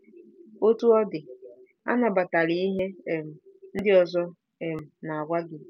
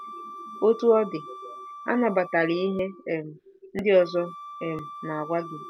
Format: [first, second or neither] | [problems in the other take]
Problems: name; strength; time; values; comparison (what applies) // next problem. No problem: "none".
first | background sound (Wind instrument, woodwind instrument); 15 dB below the speech